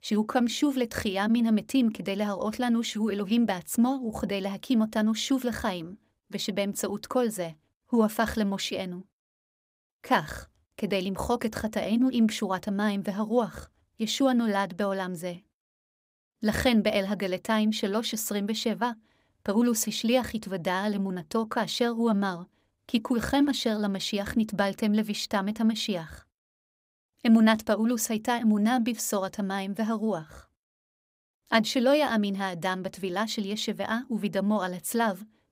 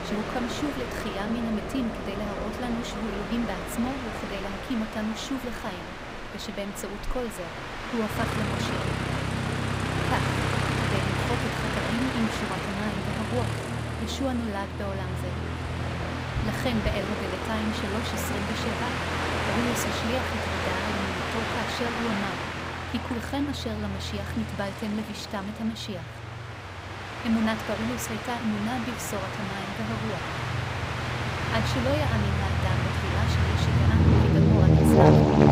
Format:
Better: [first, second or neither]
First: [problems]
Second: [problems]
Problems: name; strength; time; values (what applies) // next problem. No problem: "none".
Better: first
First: none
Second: train or aircraft noise; very loud; throughout; 4 dB above the speech